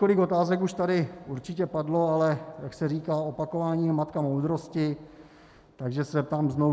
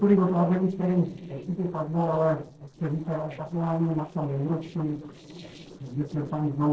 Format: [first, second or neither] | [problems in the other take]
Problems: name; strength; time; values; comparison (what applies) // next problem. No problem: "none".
first | noise reduction (neural separator model SepFormer DNS4)